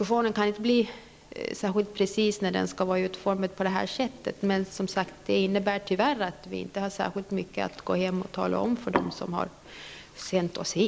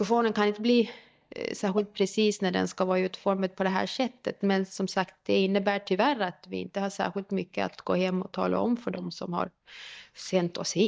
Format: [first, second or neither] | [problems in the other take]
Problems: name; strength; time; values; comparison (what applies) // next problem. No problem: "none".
first | noise reduction (neural mask model DeepFilterNet 3)